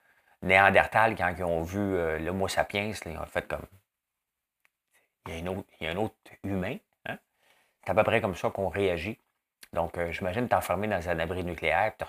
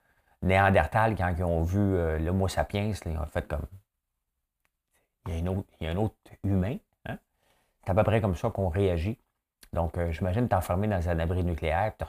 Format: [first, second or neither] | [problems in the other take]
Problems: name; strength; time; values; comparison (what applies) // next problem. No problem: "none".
second | thin; somewhat; fading below 400 Hz